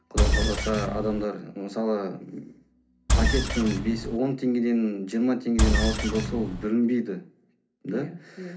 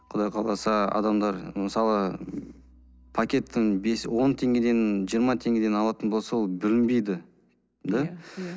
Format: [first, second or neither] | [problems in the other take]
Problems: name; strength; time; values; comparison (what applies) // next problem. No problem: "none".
second | background sound (Engine); 3 dB above the speech // room echo; dies away in 0.3 s